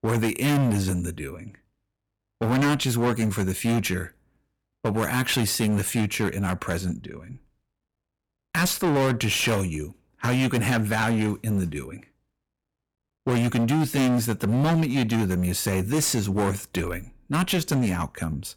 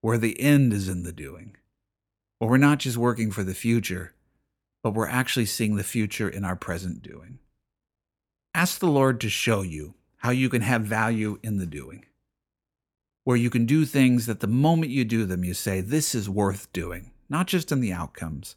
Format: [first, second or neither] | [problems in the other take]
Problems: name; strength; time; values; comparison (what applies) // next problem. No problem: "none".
second | distortion; heavy; 17% of the sound clipped